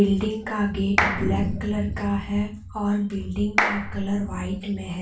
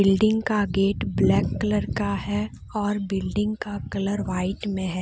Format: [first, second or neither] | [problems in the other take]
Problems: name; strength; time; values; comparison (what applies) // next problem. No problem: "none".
second | background sound (Clapping); 3 dB below the speech // room echo; dies away in 0.3 s